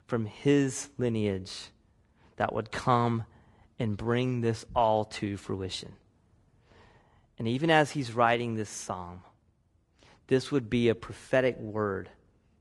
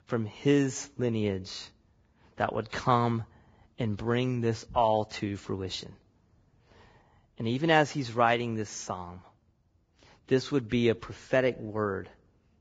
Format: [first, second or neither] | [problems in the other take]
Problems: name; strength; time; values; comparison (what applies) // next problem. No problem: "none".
first | garbled, watery; badly; nothing above 7.5 kHz; slightly in the first